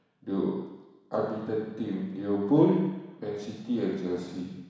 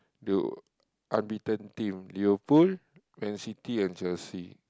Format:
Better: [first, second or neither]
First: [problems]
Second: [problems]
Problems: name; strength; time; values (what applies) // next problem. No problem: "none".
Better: second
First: room echo; dies away in 1.1 s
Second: none